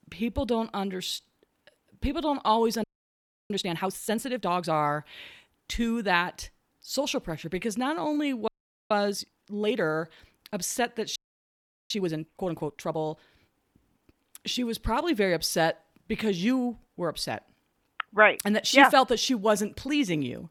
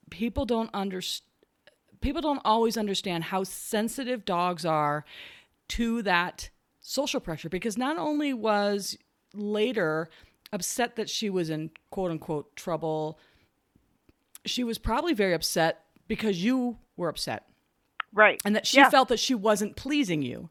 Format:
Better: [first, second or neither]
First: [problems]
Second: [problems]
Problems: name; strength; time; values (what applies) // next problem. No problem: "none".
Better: second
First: audio freezing; at 3 s for 0.5 s, at 8.5 s and at 11 s for 0.5 s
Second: none